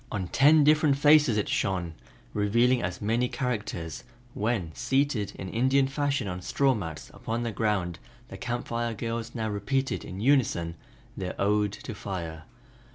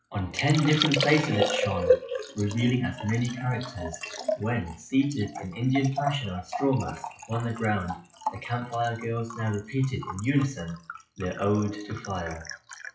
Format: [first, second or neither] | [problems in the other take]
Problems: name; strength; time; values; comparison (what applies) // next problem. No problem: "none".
first | noise reduction (classical method WPE with log-MMSE)